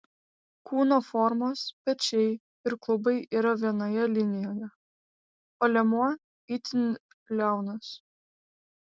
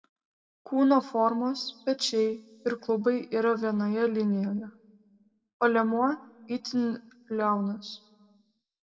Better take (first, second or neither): first